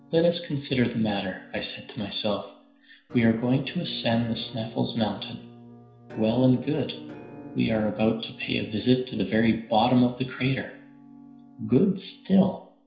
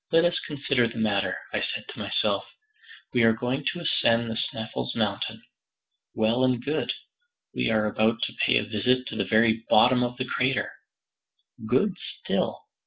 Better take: second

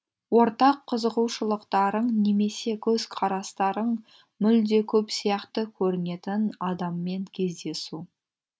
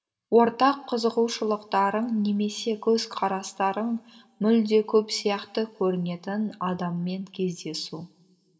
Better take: first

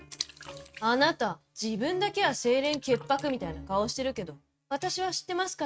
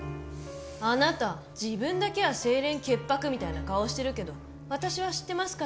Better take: second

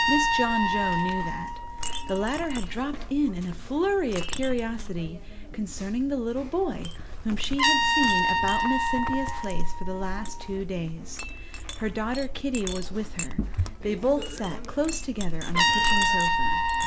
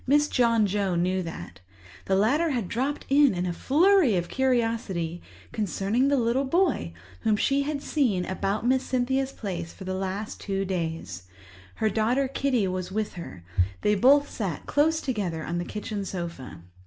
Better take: second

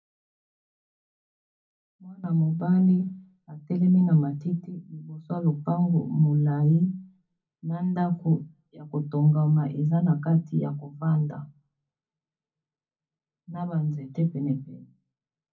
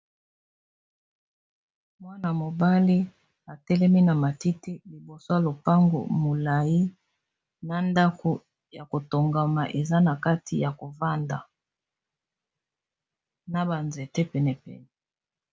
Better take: second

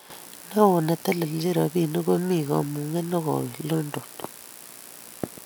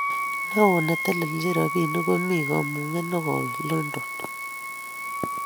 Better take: first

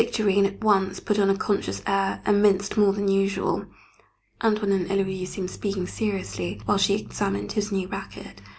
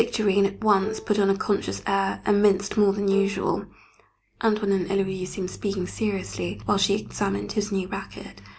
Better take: first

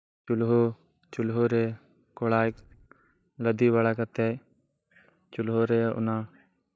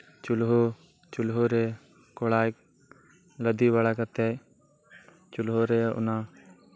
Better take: second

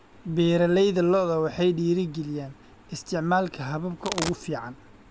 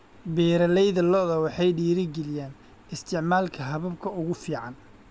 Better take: second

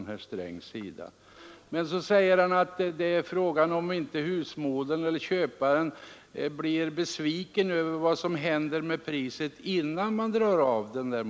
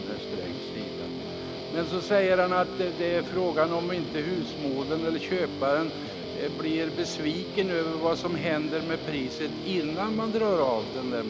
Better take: first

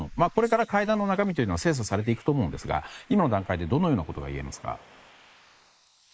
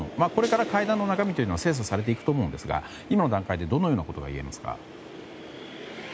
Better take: second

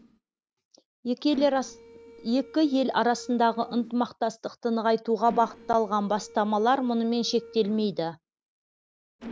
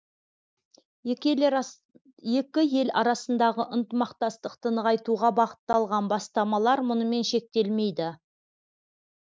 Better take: second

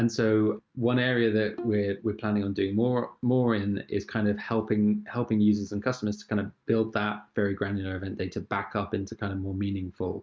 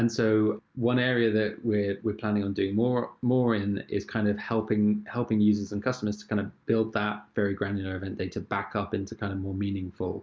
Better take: second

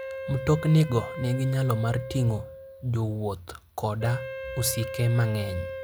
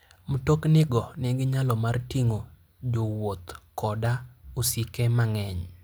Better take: second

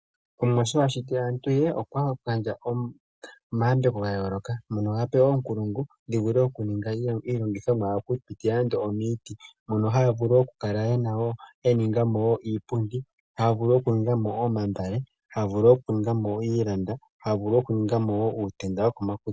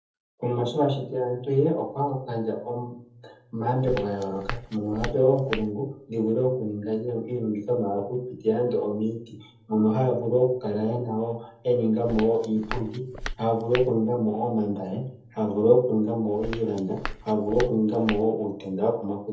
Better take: first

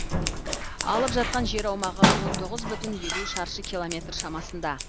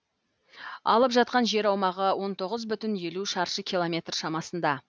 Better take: second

